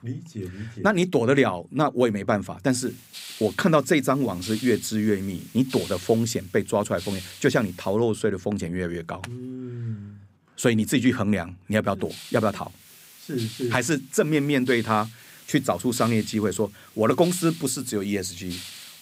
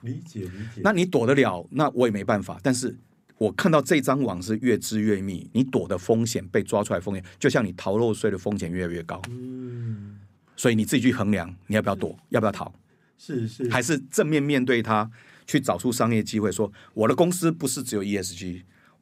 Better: second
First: hiss; noticeable; from 2.5 to 8 s and from 12 s on; 15 dB below the speech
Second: none

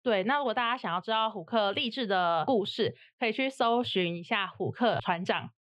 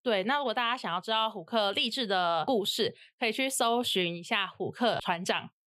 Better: second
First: muffled; slightly; fading above 3 kHz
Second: none

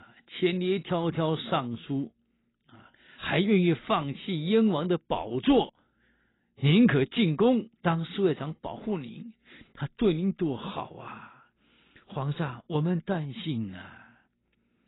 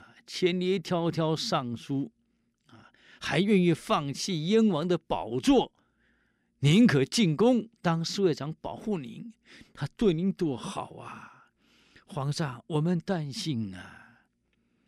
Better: second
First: garbled, watery; badly; nothing above 4 kHz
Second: none

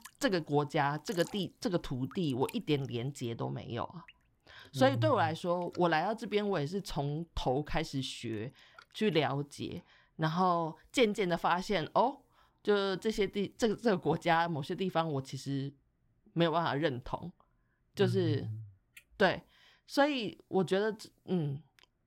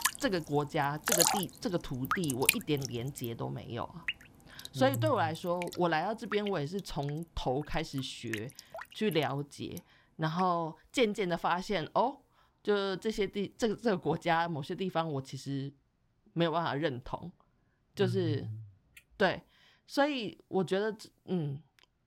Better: first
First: rain or running water; faint; throughout; 25 dB below the speech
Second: rain or running water; loud; throughout; 2 dB below the speech

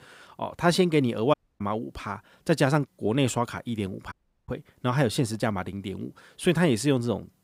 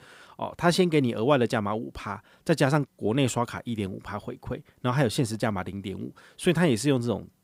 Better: second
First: audio cutting out; at 1.5 s and at 4 s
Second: none

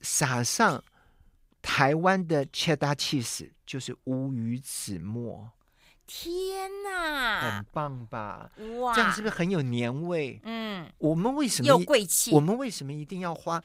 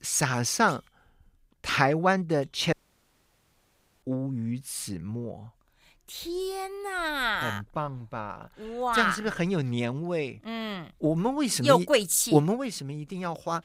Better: first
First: none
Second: audio cutting out; at 2.5 s for 1.5 s

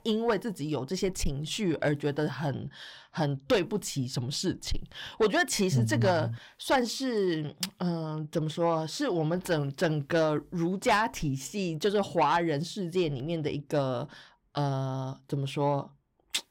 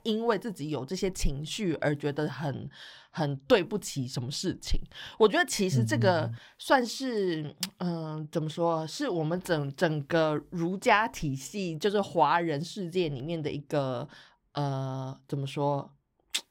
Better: second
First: distortion; slight; 10 dB below the speech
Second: none

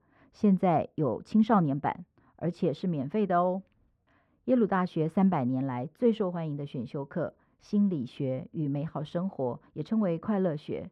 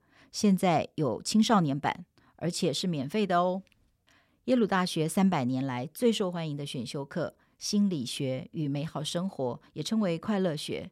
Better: second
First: muffled; very; fading above 3.5 kHz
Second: none

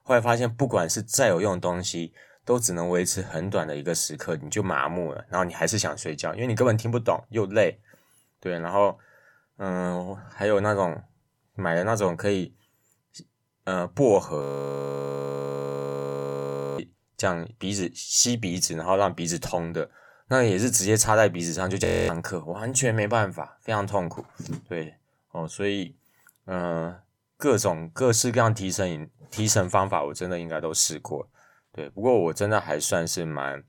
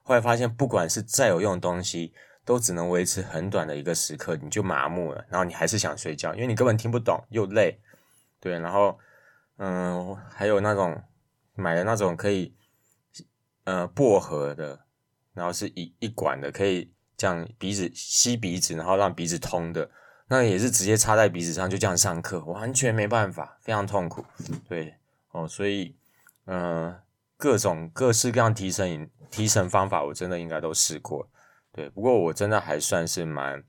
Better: second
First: audio freezing; at 14 s for 2.5 s and at 22 s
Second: none

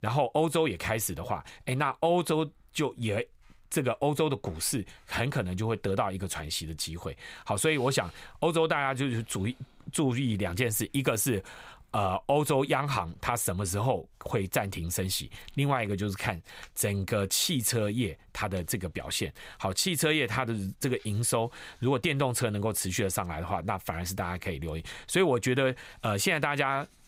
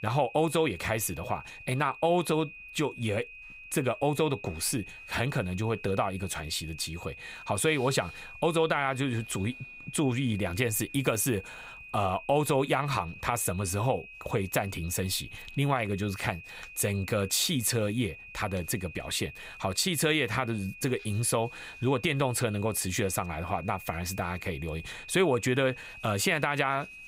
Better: first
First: none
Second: high-pitched whine; noticeable; throughout; 2.5 kHz, 15 dB below the speech

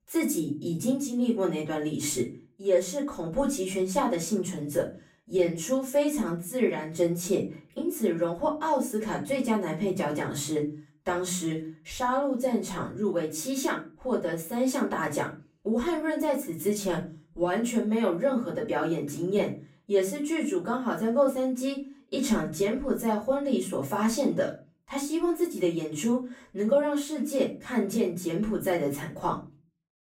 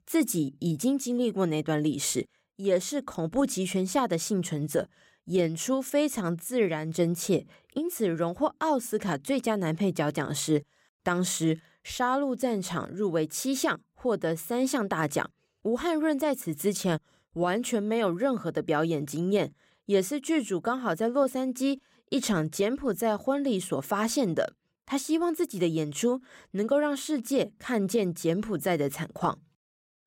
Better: second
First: off-mic speech; far // room echo; slight; dies away in 0.3 s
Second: none

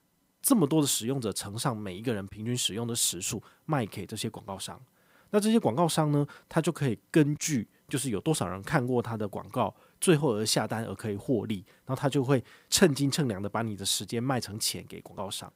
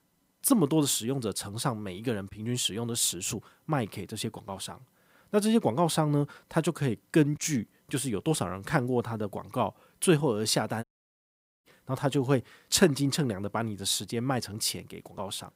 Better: first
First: none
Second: audio cutting out; at 11 s for 1 s

